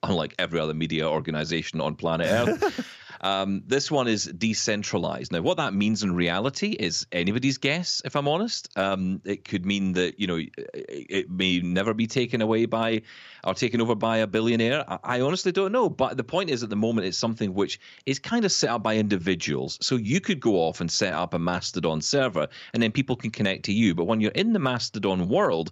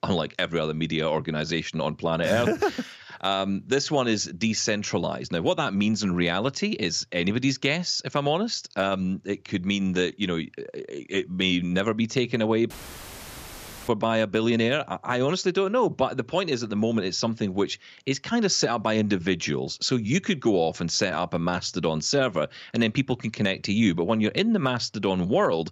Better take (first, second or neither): first